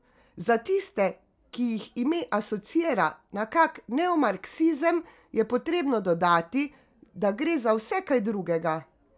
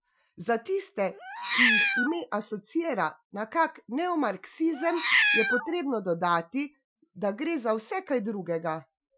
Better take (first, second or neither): first